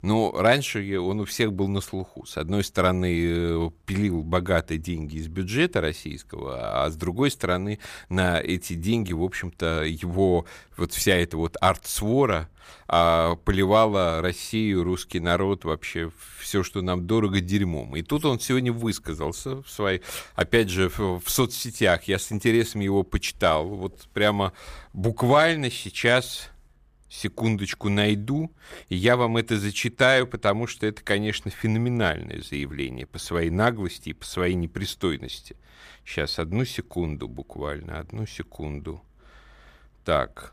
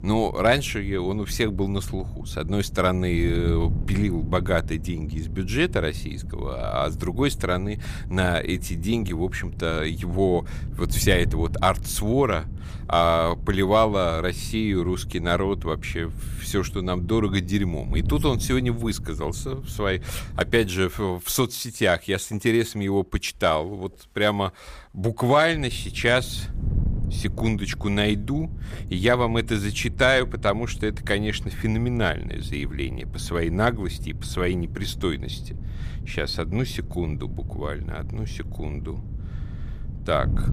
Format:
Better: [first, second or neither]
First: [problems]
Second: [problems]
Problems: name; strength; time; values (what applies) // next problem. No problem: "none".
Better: first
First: none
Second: wind noise on the microphone; occasional gusts; until 21 s and from 26 s on; 20 dB below the speech